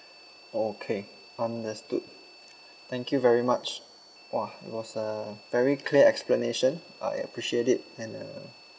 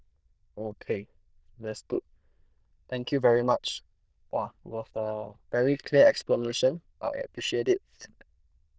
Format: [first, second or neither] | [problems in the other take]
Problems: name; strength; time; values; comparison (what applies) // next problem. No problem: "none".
first | noise reduction (neural diffusion model UNIVERSE++)